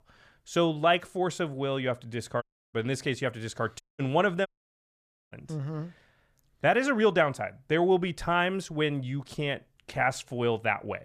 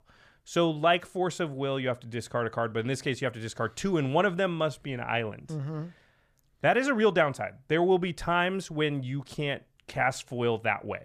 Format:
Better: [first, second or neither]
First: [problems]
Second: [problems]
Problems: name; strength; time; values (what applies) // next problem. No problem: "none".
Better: second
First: audio cutting out; at 2.5 s, at 4 s and at 4.5 s for 1 s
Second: none